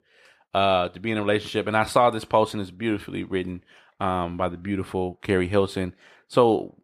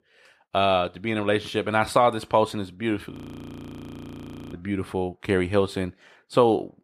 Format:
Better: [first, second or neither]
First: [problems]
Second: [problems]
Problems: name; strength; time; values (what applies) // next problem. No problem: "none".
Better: first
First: none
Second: audio freezing; at 3 s for 1.5 s